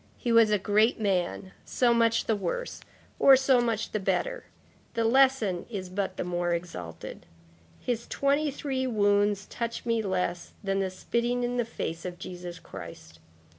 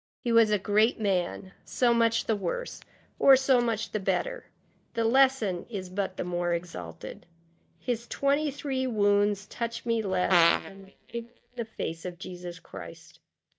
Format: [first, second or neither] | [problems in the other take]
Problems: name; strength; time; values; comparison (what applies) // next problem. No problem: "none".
first | noise reduction (neural mask model DeepFilterNet 3)